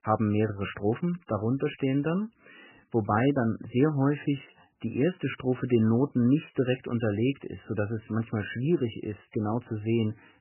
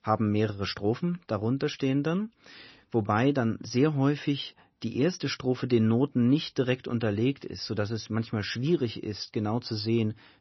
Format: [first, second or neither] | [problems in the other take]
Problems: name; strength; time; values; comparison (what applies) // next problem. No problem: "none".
second | garbled, watery; badly; nothing above 3 kHz; slightly in the second